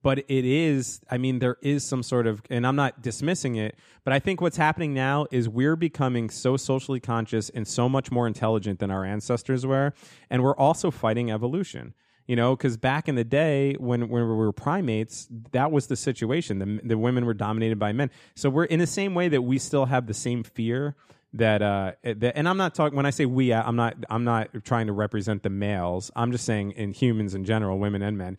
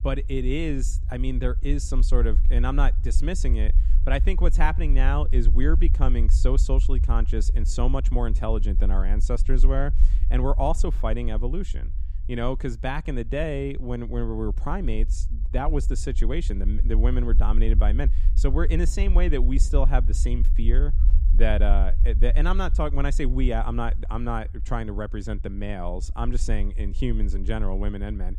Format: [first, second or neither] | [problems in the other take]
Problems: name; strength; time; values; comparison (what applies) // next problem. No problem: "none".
first | low rumble; noticeable; throughout; 15 dB below the speech